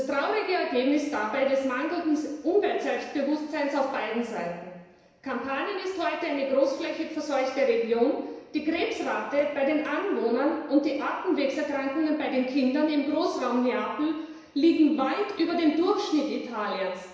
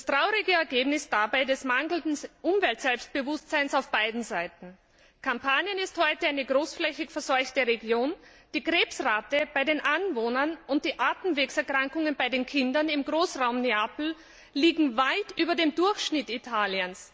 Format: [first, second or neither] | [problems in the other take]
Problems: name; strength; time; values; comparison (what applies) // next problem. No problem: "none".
second | room echo; dies away in 1 s